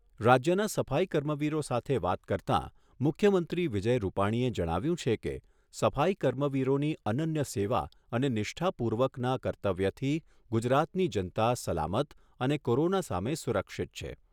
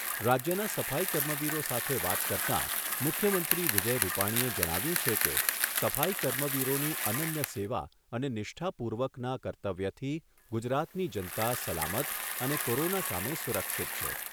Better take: first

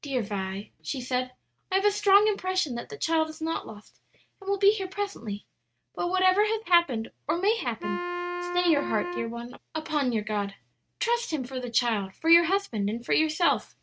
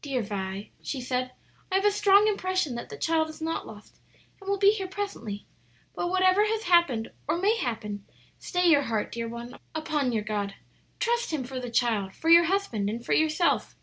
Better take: second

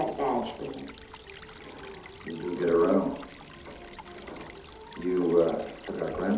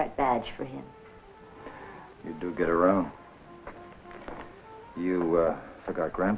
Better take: second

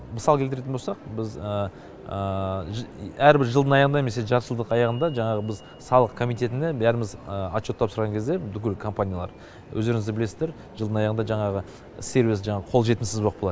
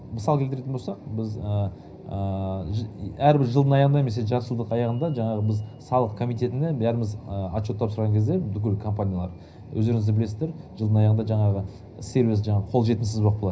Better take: first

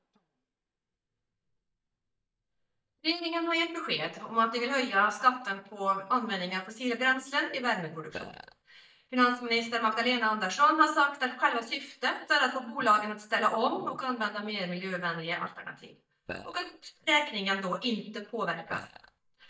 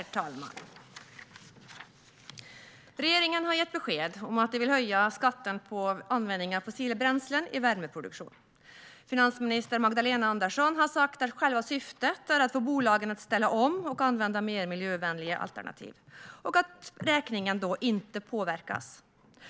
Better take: second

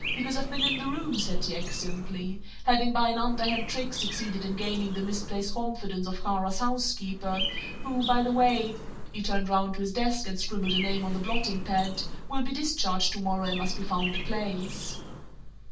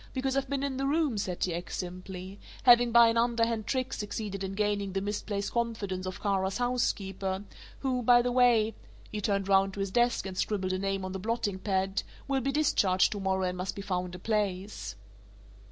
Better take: second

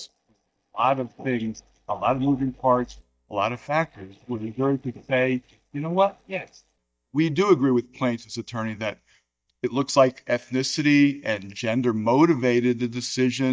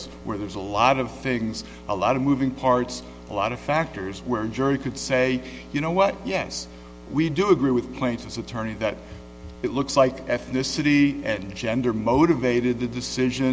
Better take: second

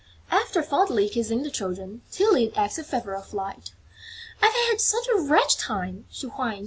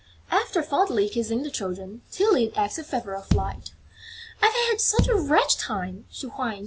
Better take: first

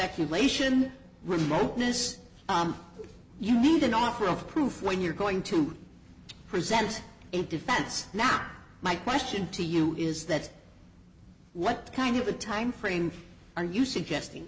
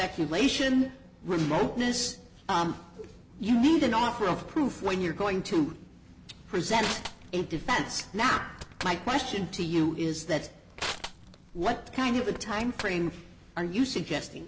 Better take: first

